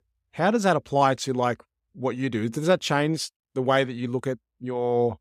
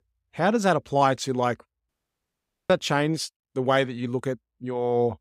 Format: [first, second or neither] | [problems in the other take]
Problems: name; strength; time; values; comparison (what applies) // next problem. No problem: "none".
first | audio cutting out; at 2 s for 1 s